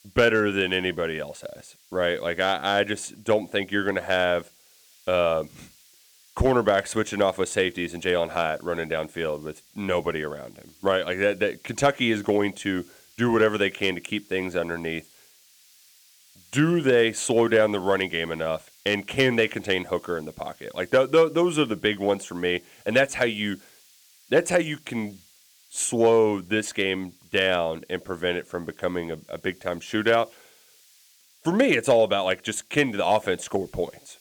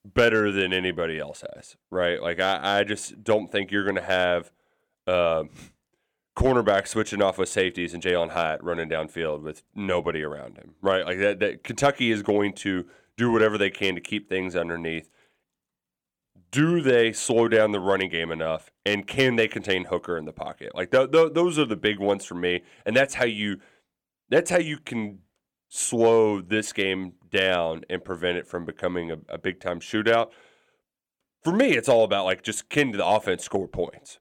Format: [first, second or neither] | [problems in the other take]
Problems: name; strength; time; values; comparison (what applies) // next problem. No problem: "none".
second | hiss; faint; throughout; 30 dB below the speech